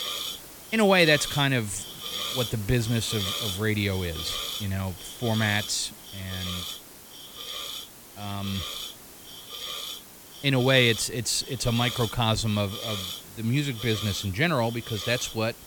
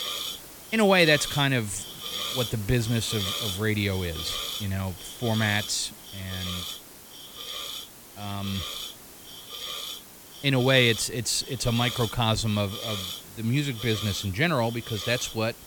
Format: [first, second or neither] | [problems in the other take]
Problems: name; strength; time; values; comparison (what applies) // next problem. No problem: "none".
neither | hiss; loud; throughout; 8 dB below the speech; the same in both